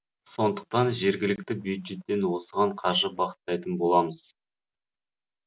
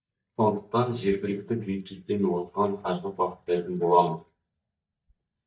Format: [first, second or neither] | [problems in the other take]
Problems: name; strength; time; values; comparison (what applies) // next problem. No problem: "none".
first | noise reduction (neural mask model DeepFilterNet 3)